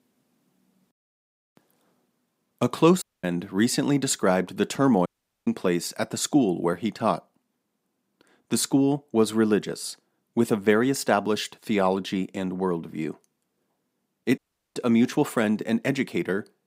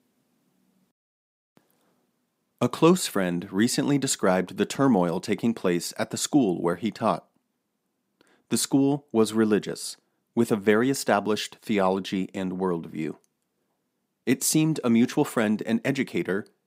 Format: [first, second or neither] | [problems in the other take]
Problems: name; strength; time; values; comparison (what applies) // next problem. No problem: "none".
second | audio cutting out; at 3 s, at 5 s and at 14 s